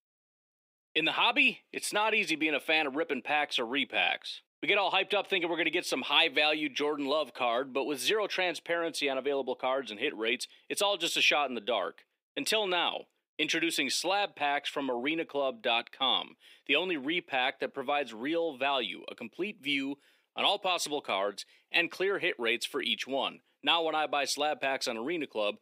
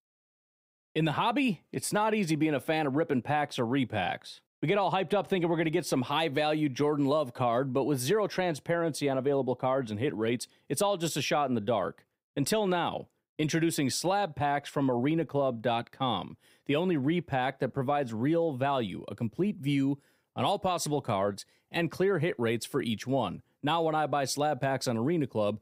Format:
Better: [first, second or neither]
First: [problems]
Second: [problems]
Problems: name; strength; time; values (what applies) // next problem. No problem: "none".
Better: second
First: thin; somewhat; fading below 300 Hz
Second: none